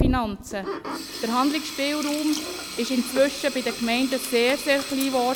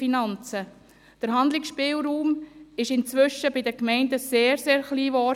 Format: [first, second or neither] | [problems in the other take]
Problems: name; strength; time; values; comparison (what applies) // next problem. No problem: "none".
second | background sound (Sink (filling or washing)); 7 dB below the speech